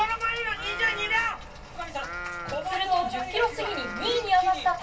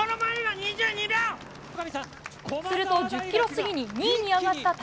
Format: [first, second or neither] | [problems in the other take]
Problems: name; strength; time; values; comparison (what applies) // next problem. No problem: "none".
second | background sound (Livestock, farm animals, working animals); 12 dB below the speech // room echo; dies away in 0.2 s